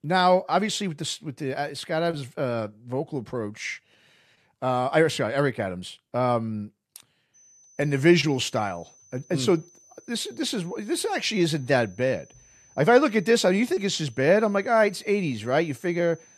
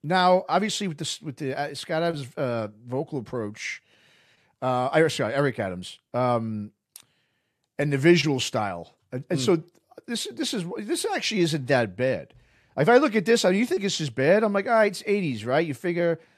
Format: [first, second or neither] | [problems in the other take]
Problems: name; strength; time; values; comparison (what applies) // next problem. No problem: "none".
second | high-pitched whine; faint; from 7.5 s on; 6 kHz, 30 dB below the speech